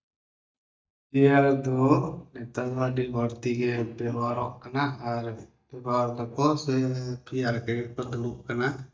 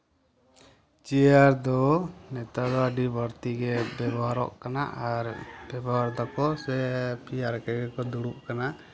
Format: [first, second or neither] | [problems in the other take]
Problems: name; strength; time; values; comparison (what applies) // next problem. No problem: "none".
second | noise reduction (neural mask model DeepFilterNet 3)